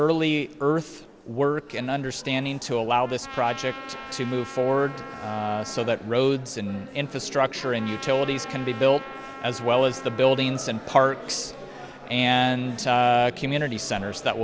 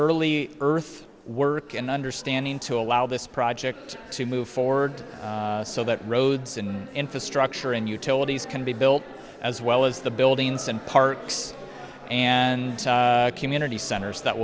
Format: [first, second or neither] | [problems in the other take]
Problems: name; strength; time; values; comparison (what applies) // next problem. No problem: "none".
second | background sound (Trumpet); 16 dB below the speech